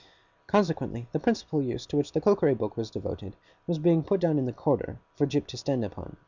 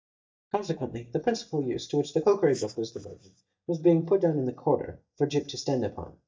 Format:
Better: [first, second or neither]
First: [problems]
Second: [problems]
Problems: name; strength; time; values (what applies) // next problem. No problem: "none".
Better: first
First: none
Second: noise reduction (neural mask model DeepFilterNet 3)